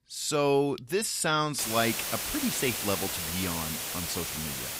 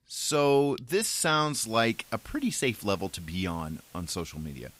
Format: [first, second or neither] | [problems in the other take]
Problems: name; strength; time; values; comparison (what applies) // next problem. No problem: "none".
second | hiss; loud; from 1.5 s on; 2 dB below the speech; faint in the second